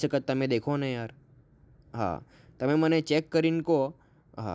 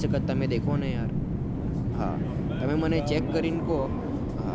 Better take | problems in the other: first | background sound (Subway, metro, underground); 3 dB above the speech

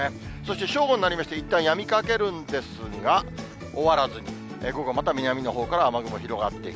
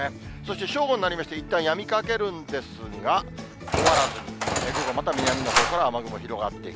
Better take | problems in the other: first | background sound (Engine); as loud as the speech

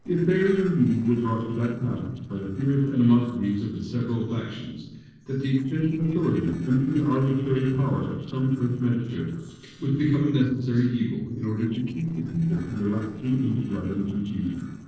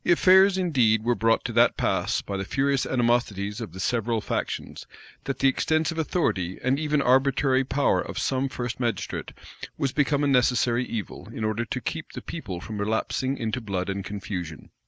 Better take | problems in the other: second | noise reduction (neural separator model SepFormer DNS4)

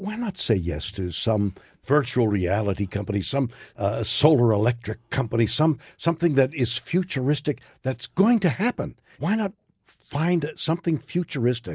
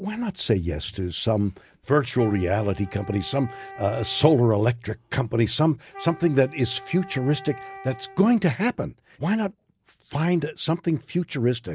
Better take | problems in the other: first | background sound (Wind instrument, woodwind instrument); 19 dB below the speech

